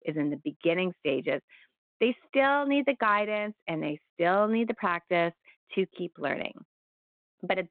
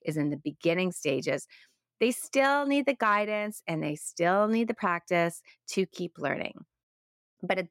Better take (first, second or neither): second